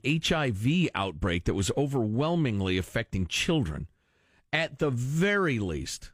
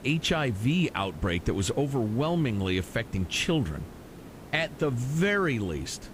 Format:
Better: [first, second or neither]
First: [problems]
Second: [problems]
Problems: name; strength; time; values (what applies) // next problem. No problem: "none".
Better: first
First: none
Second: hiss; noticeable; throughout; 20 dB below the speech